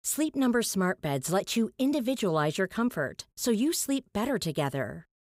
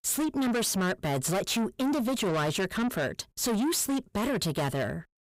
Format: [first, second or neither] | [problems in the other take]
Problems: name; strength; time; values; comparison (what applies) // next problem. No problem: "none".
first | distortion; heavy; 7 dB below the speech